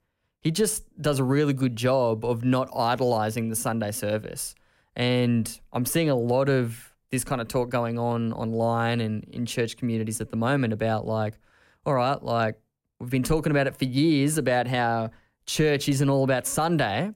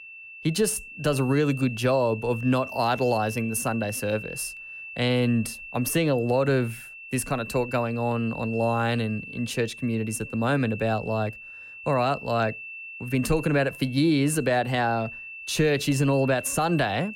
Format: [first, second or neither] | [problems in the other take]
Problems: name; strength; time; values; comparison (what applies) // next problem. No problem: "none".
first | high-pitched whine; noticeable; throughout; 2.5 kHz, 10 dB below the speech